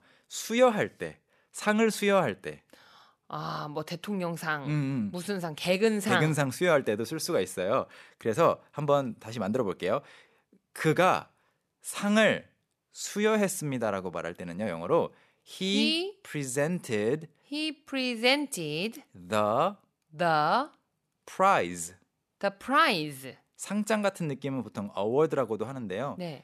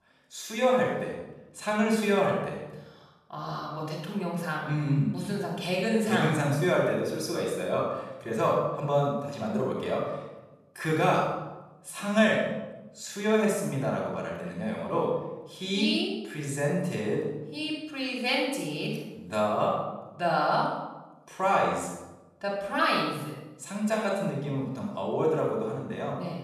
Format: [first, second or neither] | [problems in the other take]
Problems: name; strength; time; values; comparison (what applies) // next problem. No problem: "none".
first | off-mic speech; far // room echo; noticeable; dies away in 0.9 s